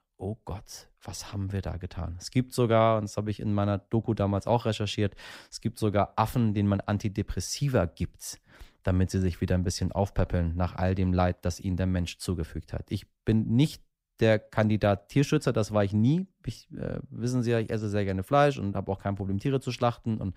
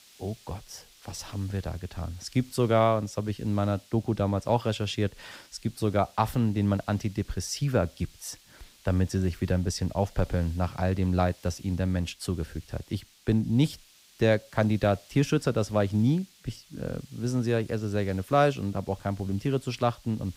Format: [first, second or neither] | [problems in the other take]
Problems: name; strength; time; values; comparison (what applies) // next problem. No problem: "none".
first | hiss; faint; throughout; 25 dB below the speech